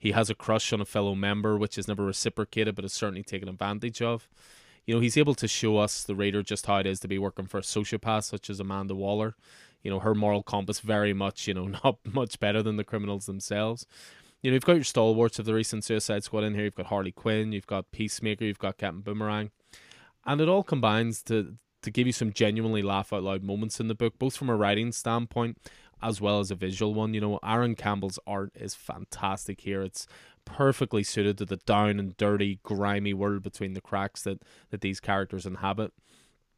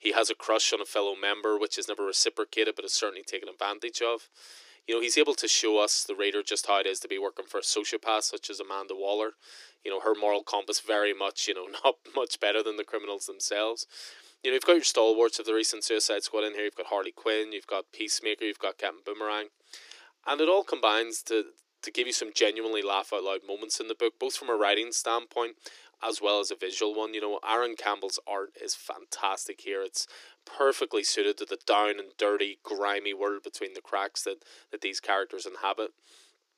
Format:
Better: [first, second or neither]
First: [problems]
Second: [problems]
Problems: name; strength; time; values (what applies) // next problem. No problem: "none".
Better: first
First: none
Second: thin; very; fading below 300 Hz